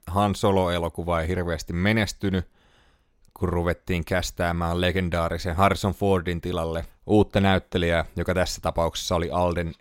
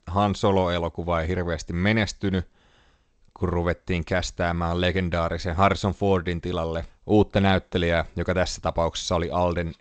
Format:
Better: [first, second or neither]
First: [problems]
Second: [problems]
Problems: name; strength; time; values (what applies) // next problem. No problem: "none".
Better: first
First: none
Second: garbled, watery; slightly; nothing above 7.5 kHz